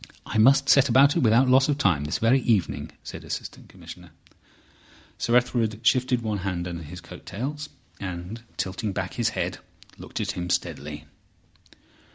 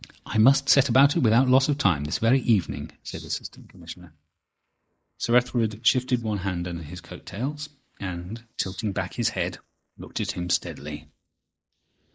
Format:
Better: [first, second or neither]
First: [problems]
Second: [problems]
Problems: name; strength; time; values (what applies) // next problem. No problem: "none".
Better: first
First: none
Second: noise reduction (neural mask model Resemble Enhance denoiser)